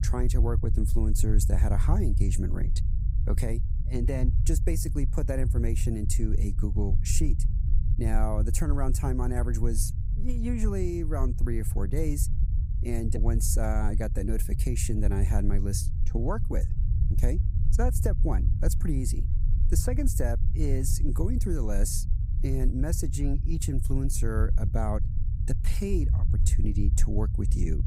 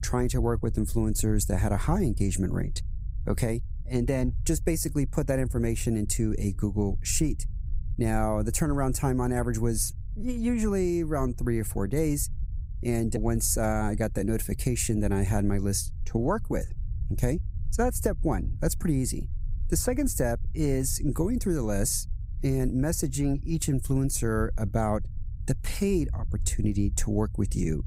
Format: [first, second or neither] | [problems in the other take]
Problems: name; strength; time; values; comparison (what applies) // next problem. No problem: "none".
second | low rumble; loud; throughout; 10 dB below the speech; faint in the second